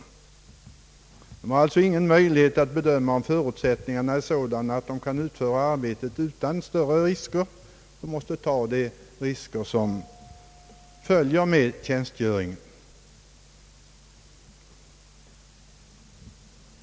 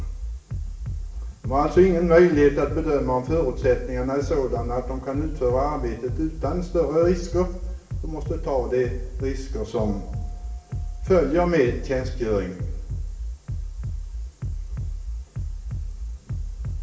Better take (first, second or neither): first